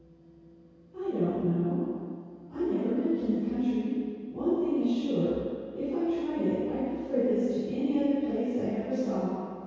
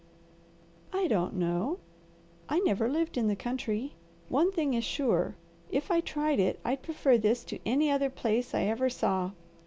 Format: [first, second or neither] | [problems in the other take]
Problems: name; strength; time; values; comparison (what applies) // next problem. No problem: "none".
second | room echo; dies away in 2 s